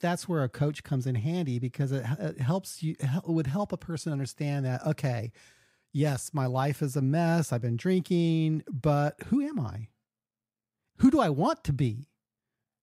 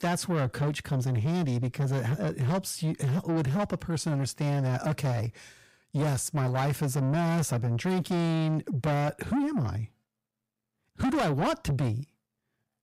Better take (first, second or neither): first